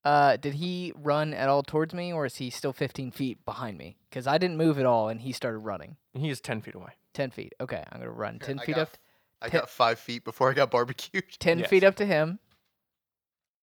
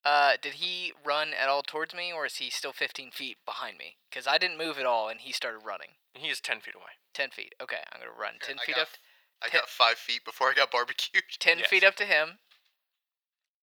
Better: first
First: none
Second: thin; very; fading below 750 Hz

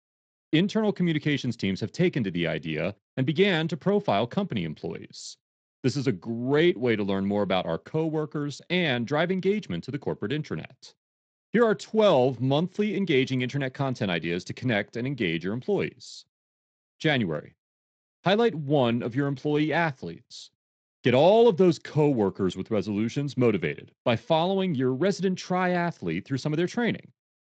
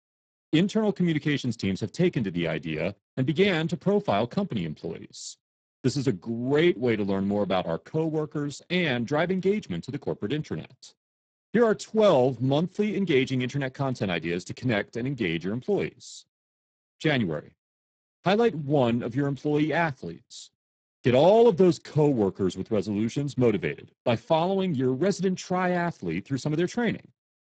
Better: first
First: garbled, watery; slightly; nothing above 7.5 kHz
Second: garbled, watery; badly; nothing above 8 kHz

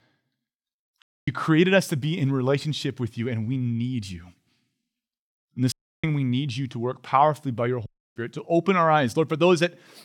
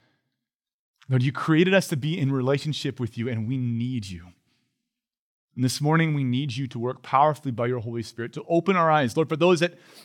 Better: second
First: audio cutting out; at 1 s, at 5.5 s and at 8 s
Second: none

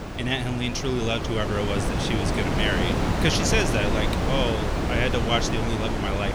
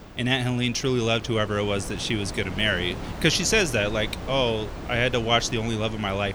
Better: second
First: wind noise on the microphone; heavy; 2 dB below the speech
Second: wind noise on the microphone; occasional gusts; 15 dB below the speech

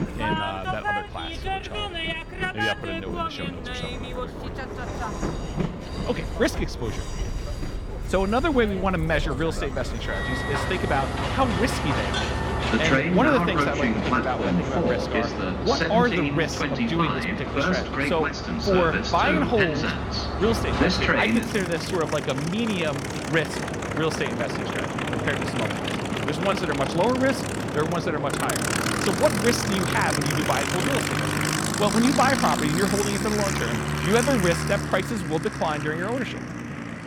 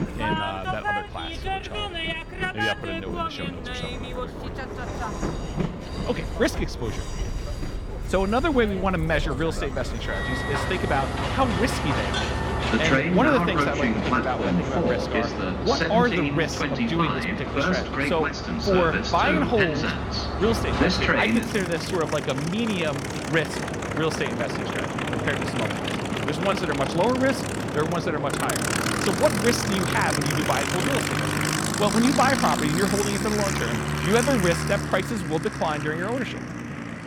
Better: neither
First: train or aircraft noise; loud; throughout; as loud as the speech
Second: train or aircraft noise; loud; throughout; as loud as the speech

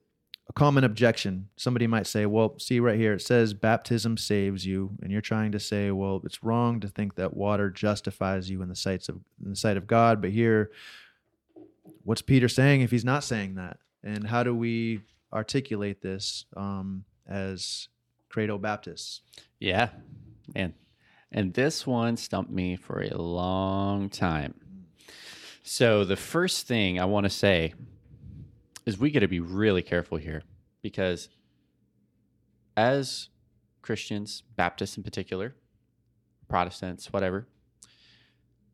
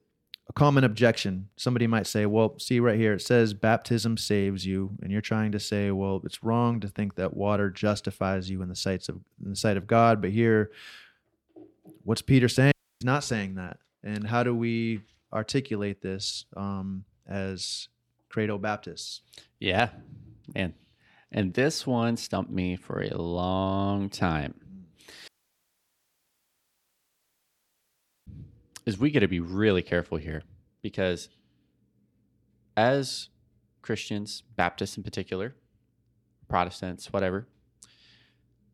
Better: first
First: none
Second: audio cutting out; at 13 s and at 25 s for 3 s

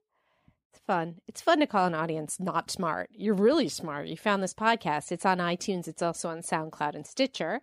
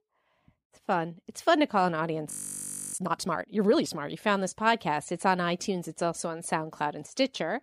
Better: first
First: none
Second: audio freezing; at 2.5 s for 0.5 s

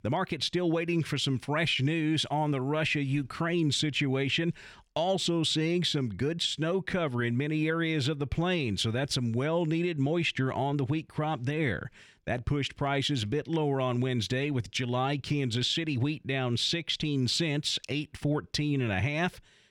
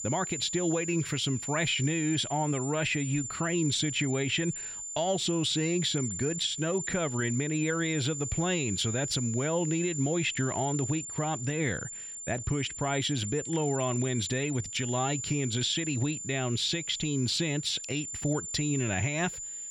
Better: first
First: none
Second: high-pitched whine; loud; throughout; 7 kHz, 6 dB below the speech

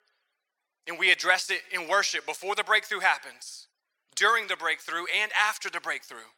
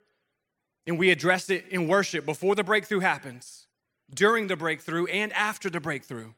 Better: second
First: thin; very; fading below 850 Hz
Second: none

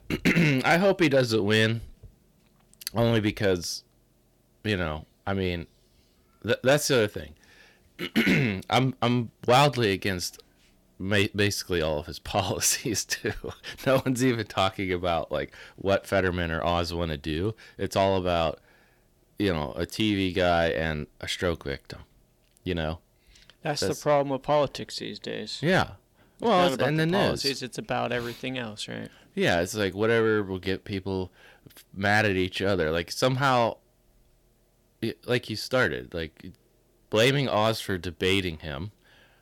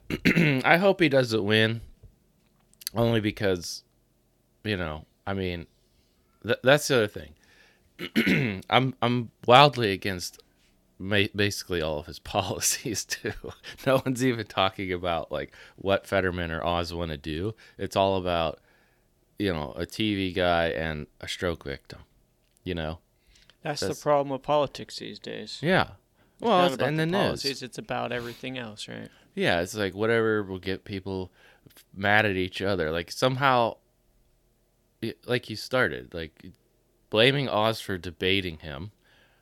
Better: second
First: distortion; slight; 10 dB below the speech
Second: none

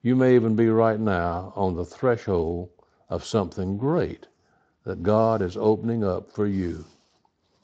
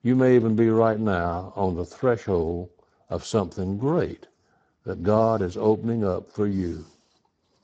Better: first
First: garbled, watery; slightly; nothing above 7.5 kHz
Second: garbled, watery; badly; nothing above 8 kHz

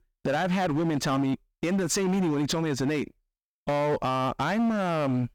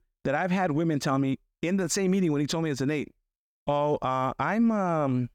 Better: second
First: distortion; slight; 20% of the sound clipped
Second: none

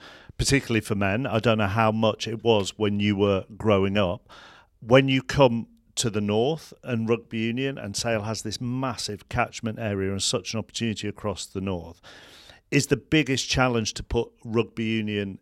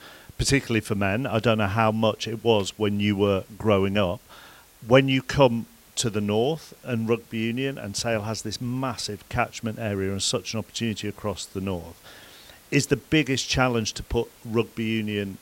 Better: first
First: none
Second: hiss; faint; throughout; 25 dB below the speech

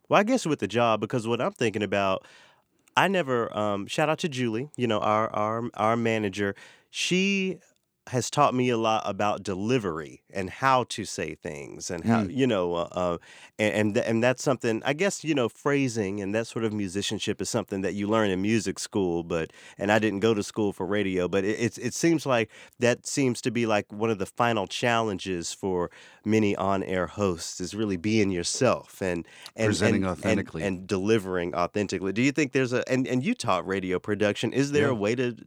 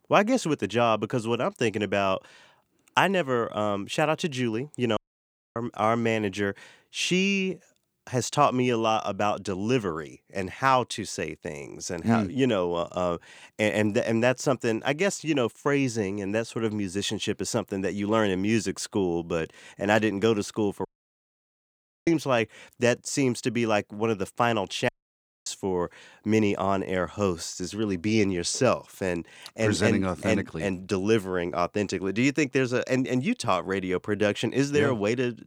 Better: first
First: none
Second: audio cutting out; at 5 s for 0.5 s, at 21 s for 1 s and at 25 s for 0.5 s

